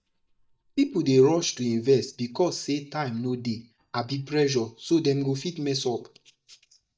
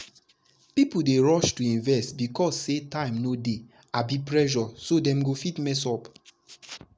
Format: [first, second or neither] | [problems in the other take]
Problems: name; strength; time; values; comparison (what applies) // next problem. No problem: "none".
second | noise reduction (neural mask model DeepFilterNet 3)